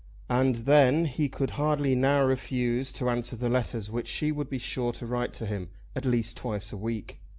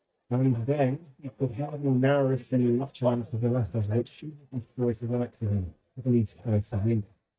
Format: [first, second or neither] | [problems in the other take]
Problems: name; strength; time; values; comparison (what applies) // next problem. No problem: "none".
first | noise reduction (neural mask model DeepFilterNet 3)